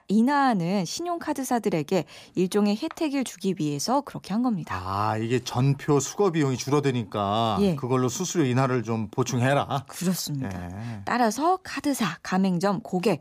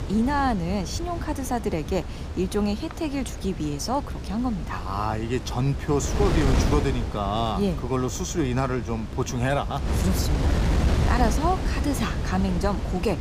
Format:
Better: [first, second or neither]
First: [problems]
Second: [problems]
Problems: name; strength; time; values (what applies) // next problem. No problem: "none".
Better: first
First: none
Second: wind noise on the microphone; heavy; 7 dB below the speech